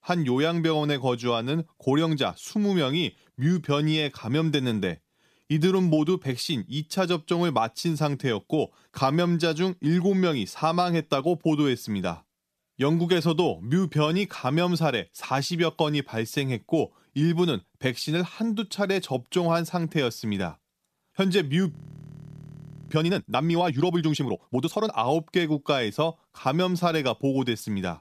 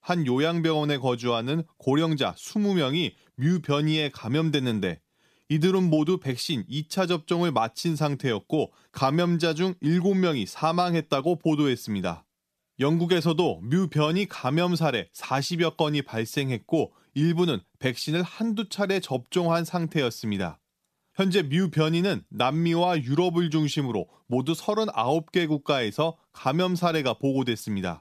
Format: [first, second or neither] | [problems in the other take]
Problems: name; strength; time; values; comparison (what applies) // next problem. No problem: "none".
second | audio freezing; at 22 s for 1 s